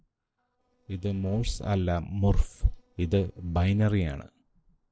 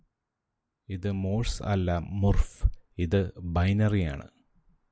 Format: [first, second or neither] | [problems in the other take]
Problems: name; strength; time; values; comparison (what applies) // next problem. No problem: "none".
second | noise reduction (neural separator model SepFormer DNS4)